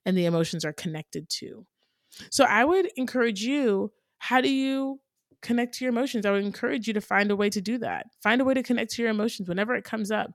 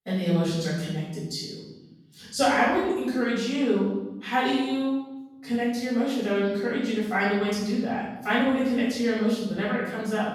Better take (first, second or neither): first